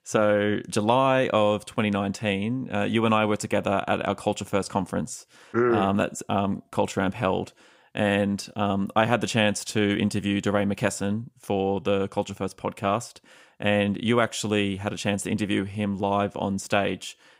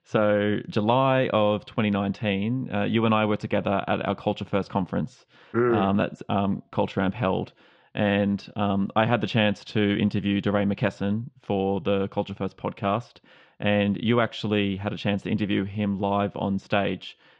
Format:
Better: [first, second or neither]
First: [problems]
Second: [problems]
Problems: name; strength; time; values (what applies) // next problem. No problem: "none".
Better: first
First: none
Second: muffled; slightly; fading above 4 kHz